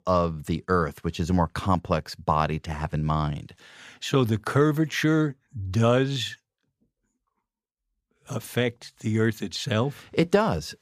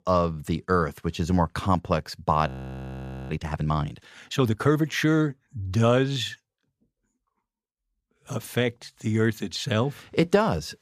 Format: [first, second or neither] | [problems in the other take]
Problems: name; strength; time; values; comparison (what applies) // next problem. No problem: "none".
first | audio freezing; at 2.5 s for 1 s